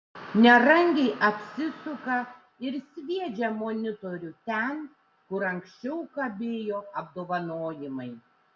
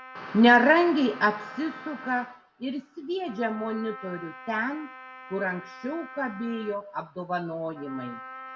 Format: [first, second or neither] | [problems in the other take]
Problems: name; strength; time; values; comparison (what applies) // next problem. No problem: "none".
first | background sound (Wind instrument, woodwind instrument); 17 dB below the speech